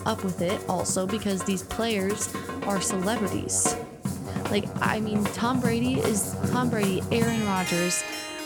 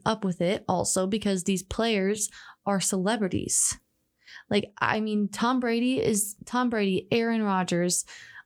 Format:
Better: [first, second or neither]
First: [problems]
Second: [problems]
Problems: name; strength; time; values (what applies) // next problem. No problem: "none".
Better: second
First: background music; loud; throughout; 4 dB below the speech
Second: none